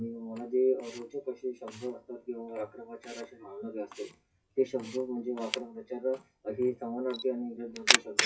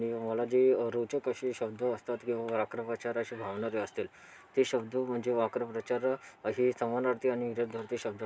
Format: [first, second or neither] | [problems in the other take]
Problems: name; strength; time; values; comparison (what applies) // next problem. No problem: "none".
second | noise reduction (classical method WPE with log-MMSE)